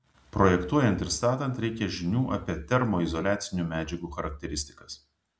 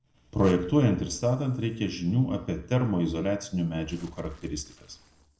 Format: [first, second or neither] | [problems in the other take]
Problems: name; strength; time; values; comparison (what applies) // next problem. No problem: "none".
first | noise reduction (neural separator model SepFormer DNS4)